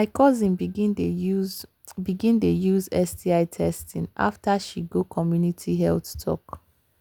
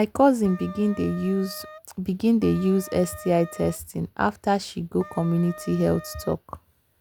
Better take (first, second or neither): first